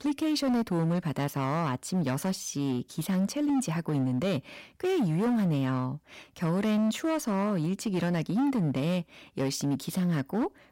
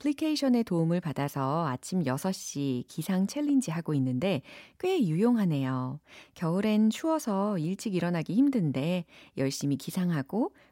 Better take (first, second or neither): second